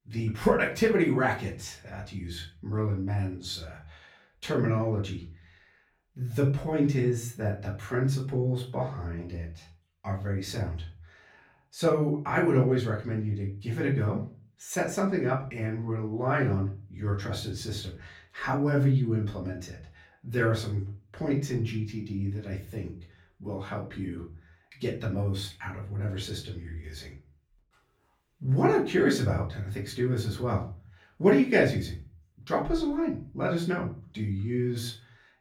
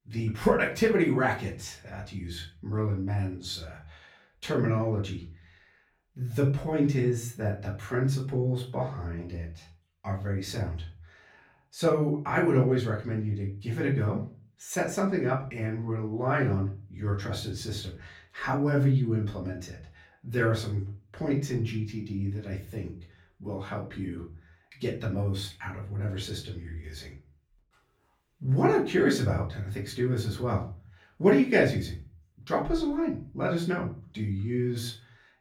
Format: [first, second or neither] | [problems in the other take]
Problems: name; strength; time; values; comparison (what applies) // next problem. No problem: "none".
neither | room echo; slight; dies away in 0.3 s; the same in both // off-mic speech; far; the same in both